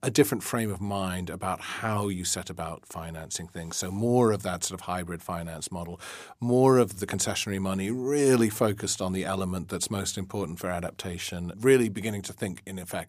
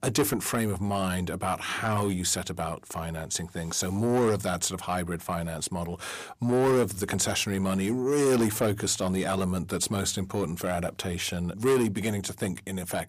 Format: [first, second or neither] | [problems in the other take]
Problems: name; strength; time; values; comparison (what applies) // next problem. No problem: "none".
first | distortion; heavy; 8 dB below the speech